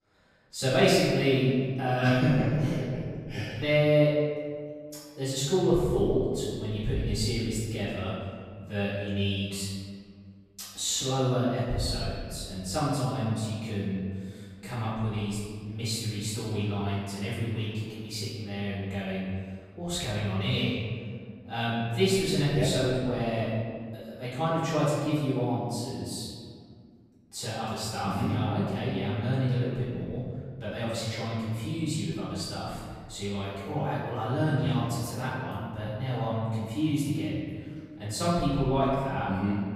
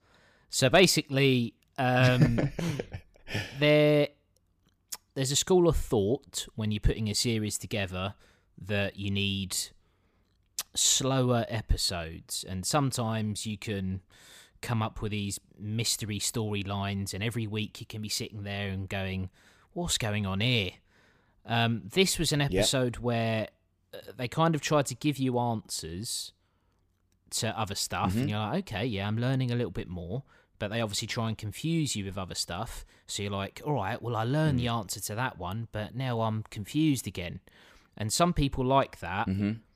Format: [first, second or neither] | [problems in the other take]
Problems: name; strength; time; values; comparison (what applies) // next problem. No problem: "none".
second | room echo; strong; dies away in 1.9 s // off-mic speech; far